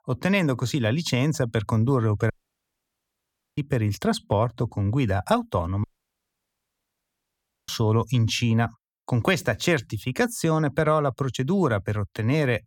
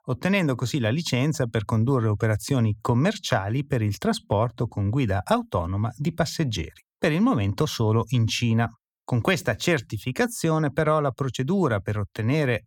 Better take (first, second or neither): second